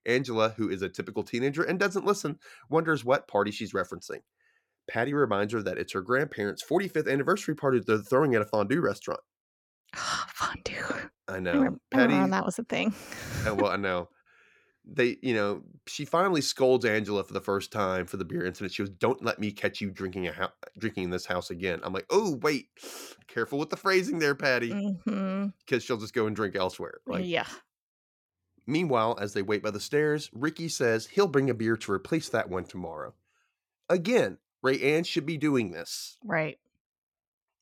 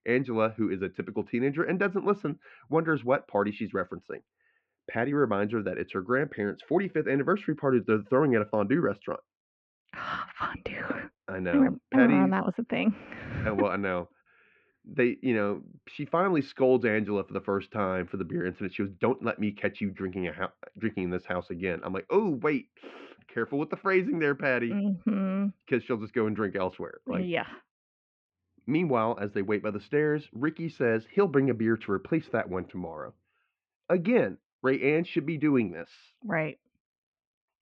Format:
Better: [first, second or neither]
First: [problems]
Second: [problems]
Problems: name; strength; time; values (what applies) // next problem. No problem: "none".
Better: first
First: none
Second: muffled; very; fading above 2.5 kHz